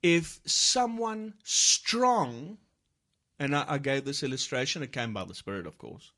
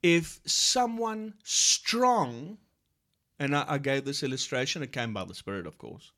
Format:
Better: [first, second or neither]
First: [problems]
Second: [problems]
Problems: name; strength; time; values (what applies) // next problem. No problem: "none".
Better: second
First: garbled, watery; slightly; nothing above 10.5 kHz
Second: none